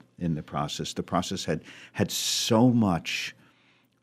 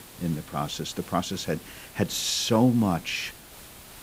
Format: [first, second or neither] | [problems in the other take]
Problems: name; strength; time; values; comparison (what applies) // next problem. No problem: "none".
first | hiss; noticeable; throughout; 15 dB below the speech